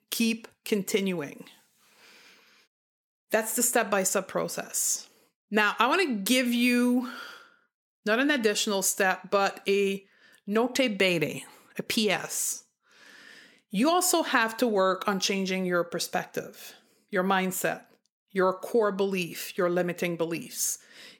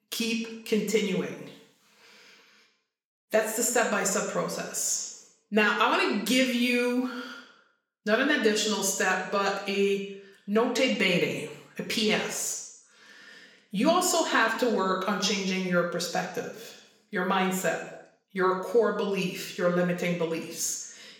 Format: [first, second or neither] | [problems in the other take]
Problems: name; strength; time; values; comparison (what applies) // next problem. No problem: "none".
first | room echo; noticeable; dies away in 0.7 s // off-mic speech; far